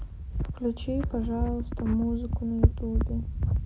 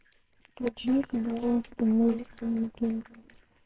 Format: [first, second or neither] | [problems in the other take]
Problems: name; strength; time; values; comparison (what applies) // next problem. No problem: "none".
first | noise reduction (neural separator model SepFormer WHAMR!)